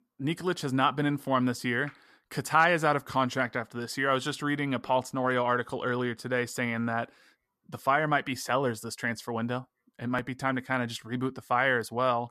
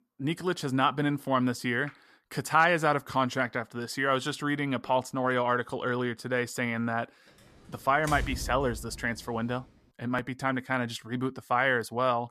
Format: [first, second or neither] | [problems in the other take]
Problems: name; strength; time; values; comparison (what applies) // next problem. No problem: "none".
first | door banging; noticeable; at 8 s; peak 7 dB below the speech